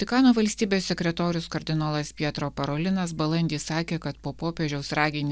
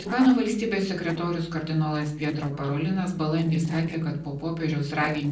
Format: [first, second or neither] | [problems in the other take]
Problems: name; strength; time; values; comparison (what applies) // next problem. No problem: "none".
first | noise reduction (neural separator model SepFormer DNS4)